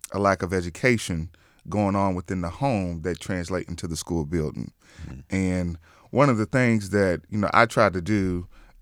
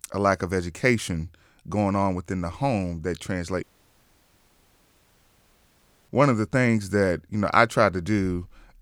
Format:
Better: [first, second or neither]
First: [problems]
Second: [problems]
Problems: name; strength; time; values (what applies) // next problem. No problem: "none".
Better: first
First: none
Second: audio cutting out; at 3.5 s for 2.5 s